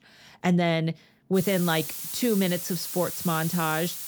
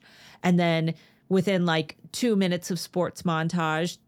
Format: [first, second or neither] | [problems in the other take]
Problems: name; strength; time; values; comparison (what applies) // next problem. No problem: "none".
second | hiss; loud; from 1.5 s on; 6 dB below the speech